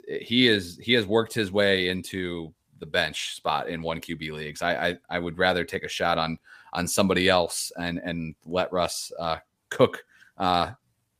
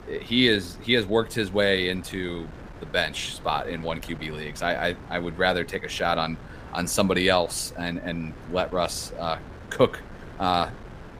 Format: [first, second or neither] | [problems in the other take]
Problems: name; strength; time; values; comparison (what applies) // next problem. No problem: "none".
first | wind noise on the microphone; occasional gusts; 20 dB below the speech